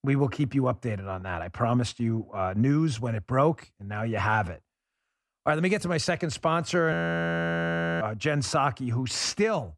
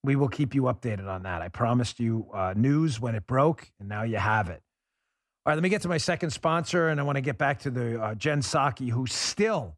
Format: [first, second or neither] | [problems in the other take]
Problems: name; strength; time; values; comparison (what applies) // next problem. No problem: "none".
second | audio freezing; at 7 s for 1 s